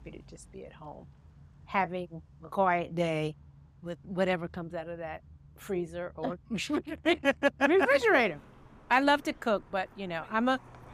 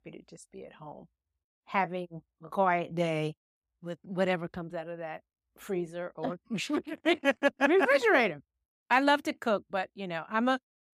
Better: second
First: traffic noise; faint; throughout; 25 dB below the speech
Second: none

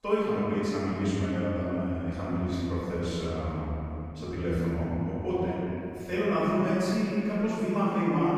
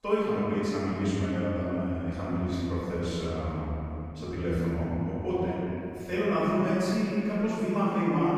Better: neither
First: room echo; strong; dies away in 3 s // off-mic speech; far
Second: room echo; strong; dies away in 3 s // off-mic speech; far

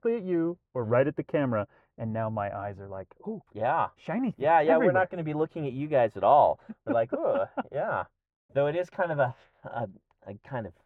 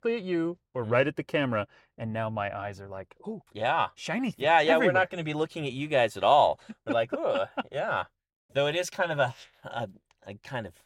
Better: second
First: muffled; very; fading above 2.5 kHz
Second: none

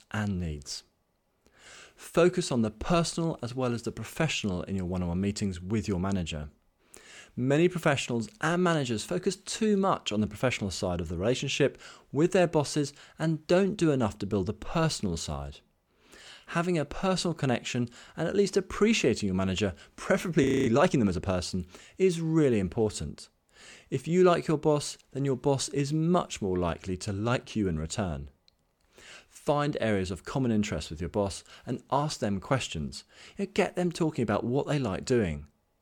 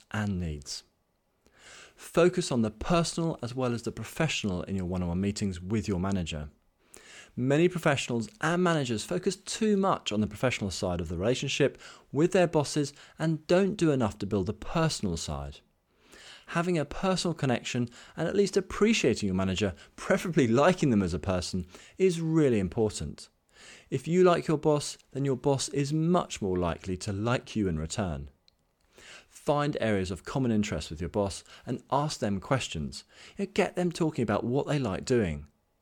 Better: second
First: audio freezing; at 20 s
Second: none

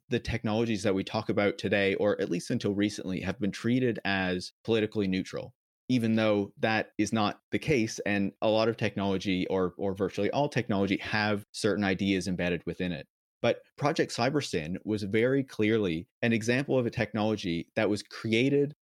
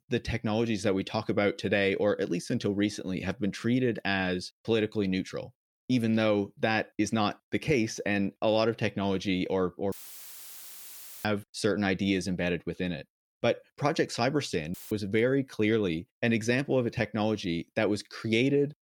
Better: first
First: none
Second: audio cutting out; filled with static; at 10 s for 1.5 s and at 15 s

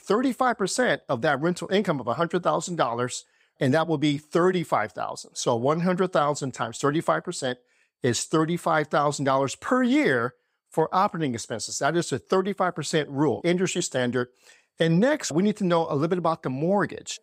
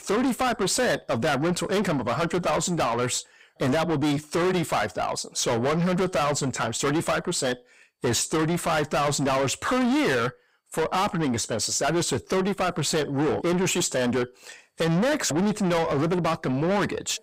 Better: first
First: none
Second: distortion; heavy; 5 dB below the speech

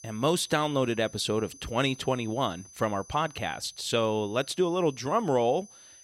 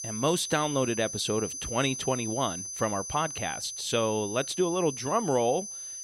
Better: first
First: high-pitched whine; faint; throughout; 6 kHz, 20 dB below the speech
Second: high-pitched whine; loud; throughout; 6 kHz, 6 dB below the speech

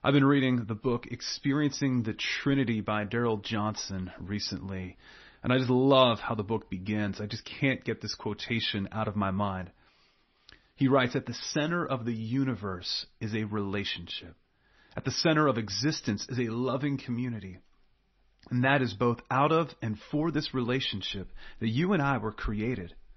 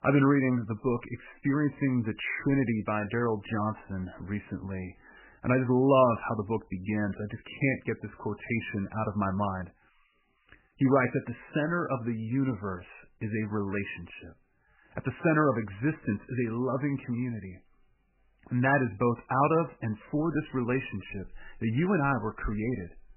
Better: first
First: garbled, watery; slightly; nothing above 6 kHz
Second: garbled, watery; badly; nothing above 3 kHz

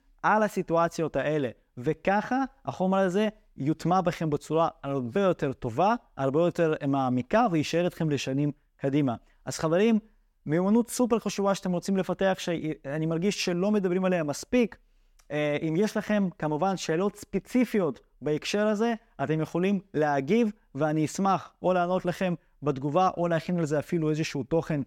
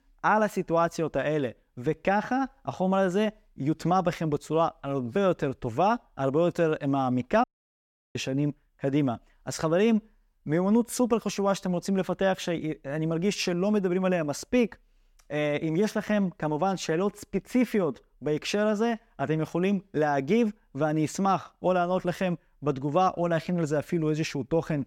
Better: first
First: none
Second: audio cutting out; at 7.5 s for 0.5 s

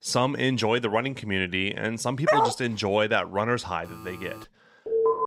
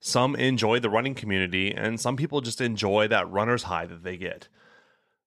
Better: second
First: dog barking; loud; at 2.5 s; peak 4 dB above the speech // alarm; faint; at 4 s; peak 15 dB below the speech // alarm; loud; at 5 s; peak 2 dB above the speech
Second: none

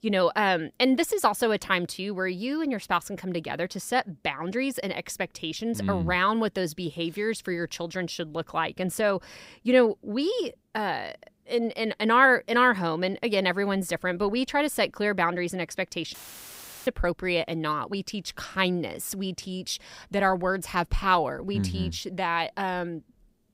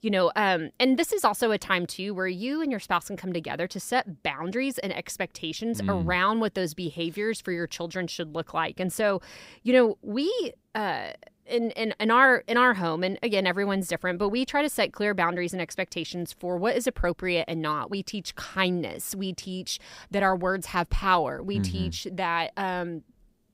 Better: second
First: audio cutting out; filled with static; at 16 s for 0.5 s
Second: none

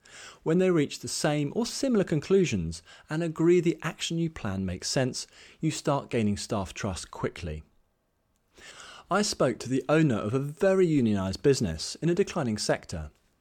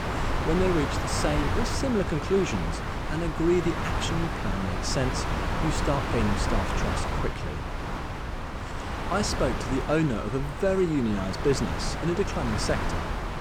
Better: first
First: none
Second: wind noise on the microphone; heavy; 1 dB below the speech

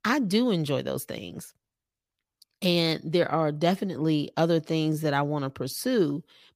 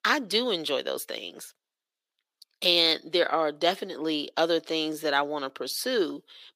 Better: first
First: none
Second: thin; somewhat; fading below 350 Hz

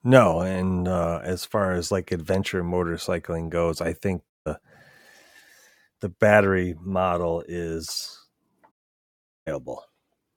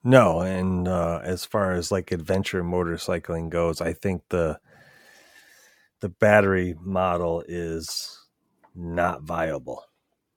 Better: second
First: audio cutting out; at 4.5 s and at 8.5 s for 0.5 s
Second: none

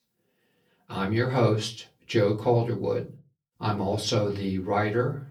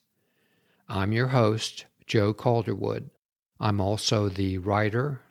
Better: second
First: off-mic speech; far // room echo; very slight; dies away in 0.2 s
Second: none

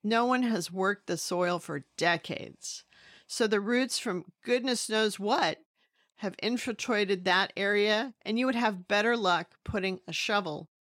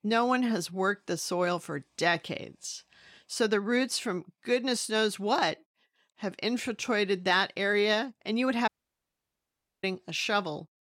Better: first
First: none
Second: audio cutting out; at 8.5 s for 1 s

